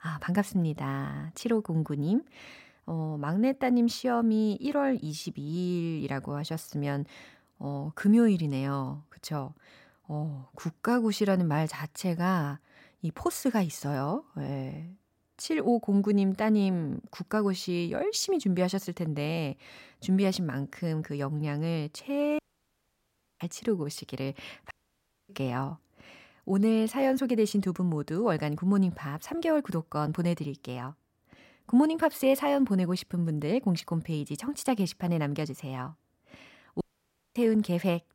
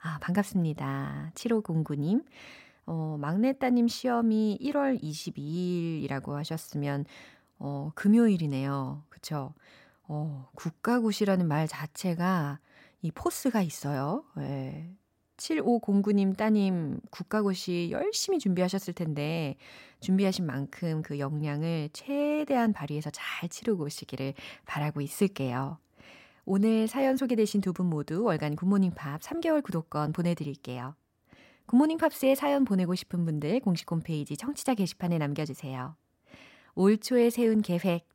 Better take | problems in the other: second | audio cutting out; at 22 s for 1 s, at 25 s for 0.5 s and at 37 s for 0.5 s

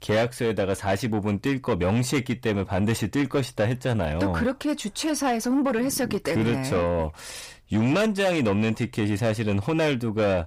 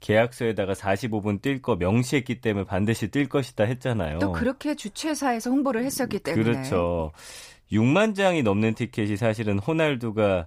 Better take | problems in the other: second | distortion; slight; 10 dB below the speech

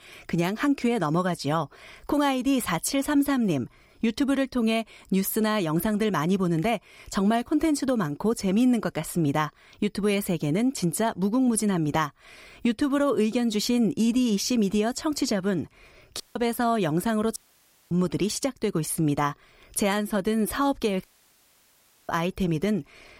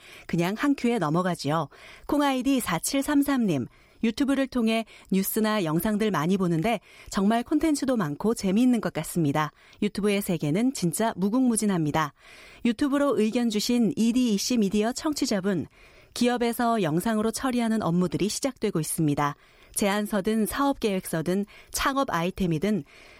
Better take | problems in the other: second | audio cutting out; at 16 s, at 17 s for 0.5 s and at 21 s for 1 s

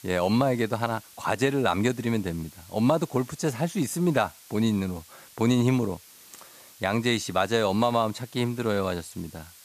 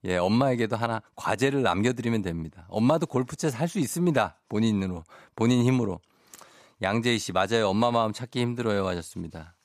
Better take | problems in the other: second | hiss; faint; throughout; 20 dB below the speech

